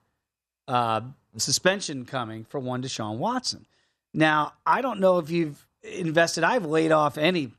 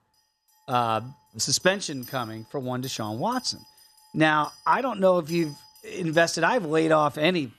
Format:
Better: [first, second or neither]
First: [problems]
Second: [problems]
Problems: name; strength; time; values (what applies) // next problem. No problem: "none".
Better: first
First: none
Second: household noises; faint; throughout; 25 dB below the speech